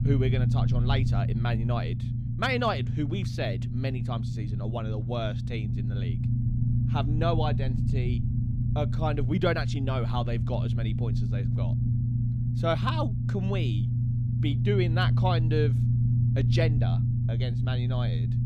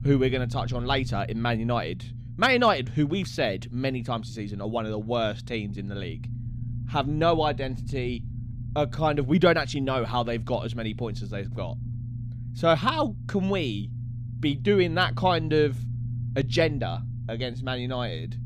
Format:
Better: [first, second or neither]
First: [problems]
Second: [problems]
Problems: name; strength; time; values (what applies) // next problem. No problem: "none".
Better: second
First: low rumble; loud; throughout; 6 dB below the speech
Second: low rumble; faint; throughout; 20 dB below the speech